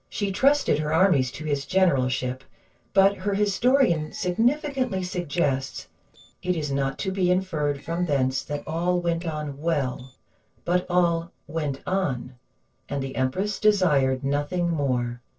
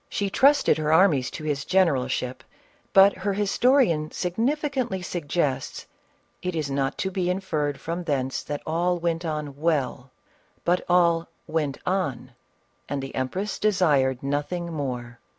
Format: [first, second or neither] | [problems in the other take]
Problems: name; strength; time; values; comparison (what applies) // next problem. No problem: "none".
second | noise reduction (neural separator model SepFormer DNS4)